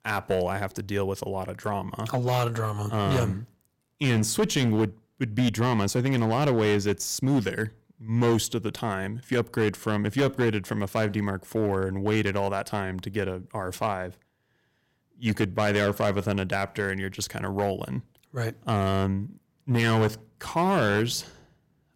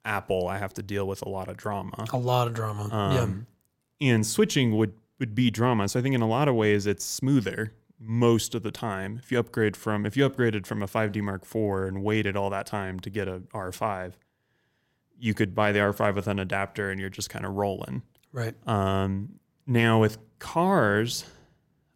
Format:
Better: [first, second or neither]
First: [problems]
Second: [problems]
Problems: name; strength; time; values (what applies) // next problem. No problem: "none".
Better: second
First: distortion; slight; 7% of the sound clipped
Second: none